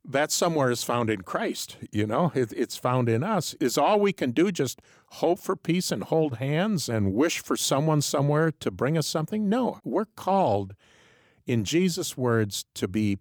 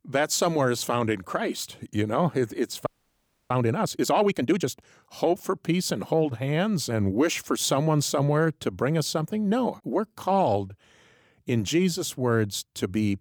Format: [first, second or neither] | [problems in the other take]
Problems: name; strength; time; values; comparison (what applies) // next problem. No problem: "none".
first | audio freezing; at 3 s for 0.5 s